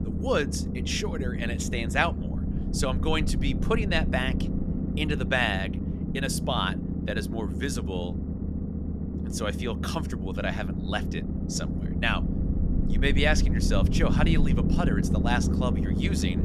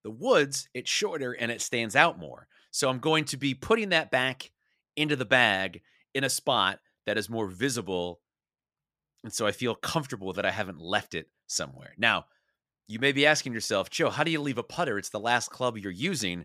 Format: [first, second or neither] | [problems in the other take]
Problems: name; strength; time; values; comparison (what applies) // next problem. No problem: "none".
second | low rumble; loud; throughout; 8 dB below the speech